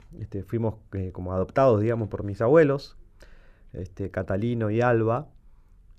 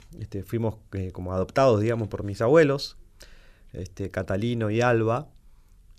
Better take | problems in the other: second | muffled; slightly; fading above 2.5 kHz

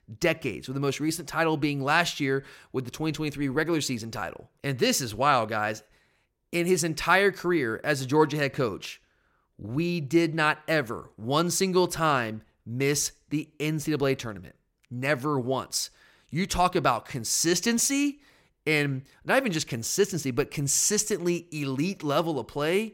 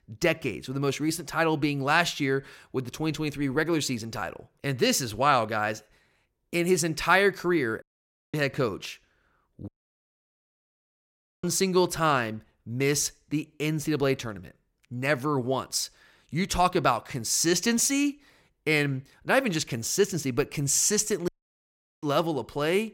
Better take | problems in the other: first | audio cutting out; at 8 s for 0.5 s, at 9.5 s for 2 s and at 21 s for 0.5 s

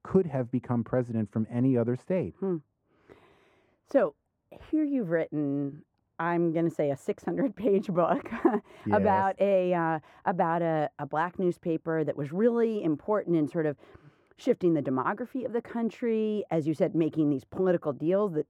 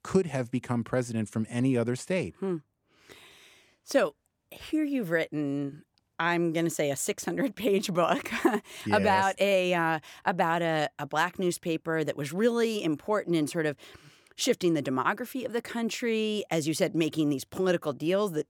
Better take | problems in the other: second | muffled; very; fading above 2 kHz

